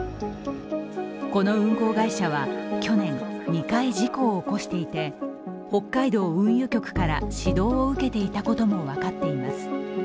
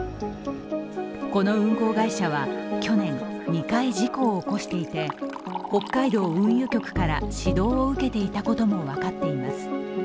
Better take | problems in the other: first | background sound (Liquid); 19 dB below the speech

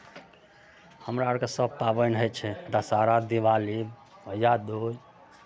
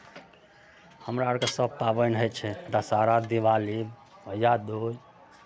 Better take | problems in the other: first | background sound (Dishes, pots, and pans / Glass); 17 dB below the speech

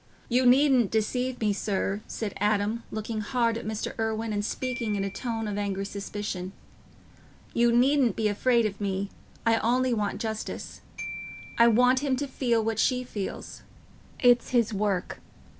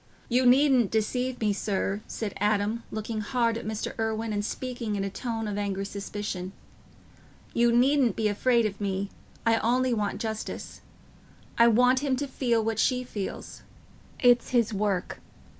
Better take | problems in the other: second | background sound (Glockenspiel); 18 dB below the speech

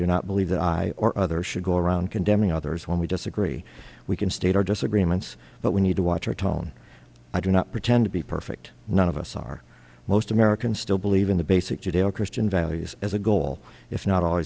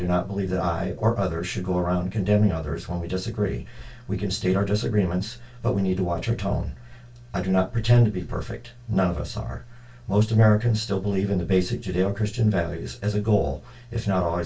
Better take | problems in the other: first | room echo; dies away in 0.2 s

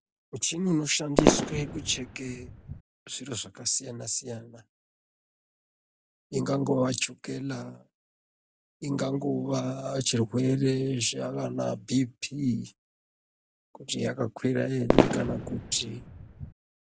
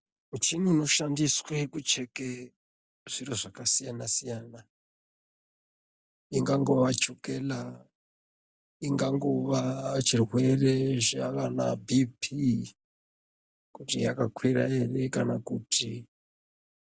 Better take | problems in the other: second | background sound (Fireworks); 3 dB above the speech

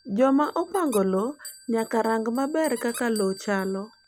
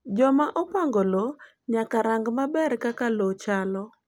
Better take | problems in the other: second | background sound (Bell + Squeak); 18 dB below the speech

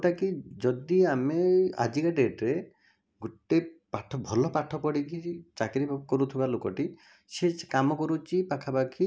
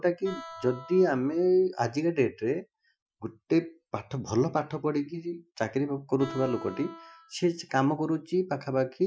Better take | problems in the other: first | noise reduction (classical method Wiener filter)

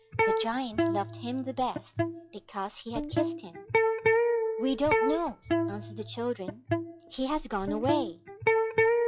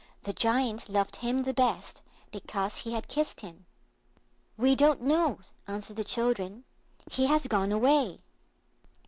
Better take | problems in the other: second | noise reduction (classical method log-MMSE)

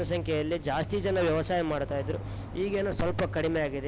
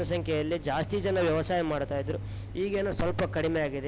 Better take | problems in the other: second | background sound (Subway, metro, underground / Train); 18 dB below the speech

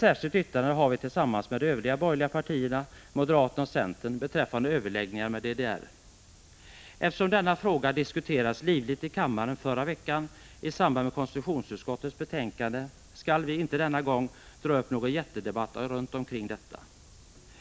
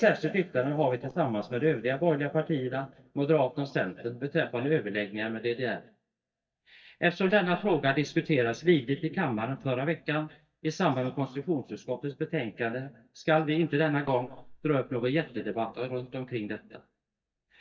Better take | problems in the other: first | noise reduction (neural mask model DeepFilterNet 3)

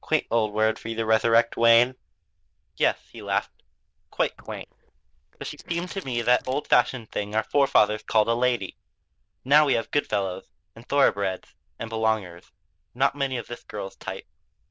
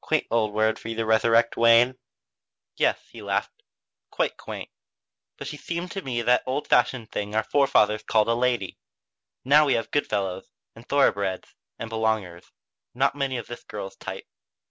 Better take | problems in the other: second | noise reduction (neural diffusion model UNIVERSE++)

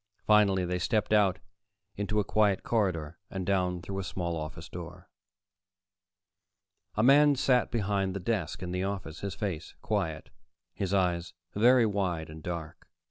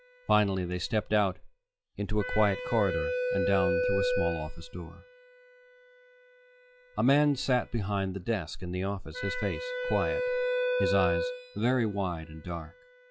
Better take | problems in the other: first | noise reduction (classical method log-MMSE)

